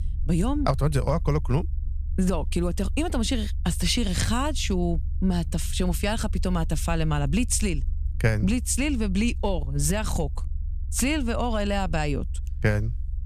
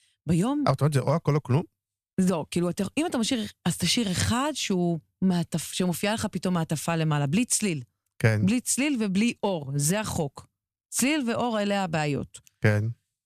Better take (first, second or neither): second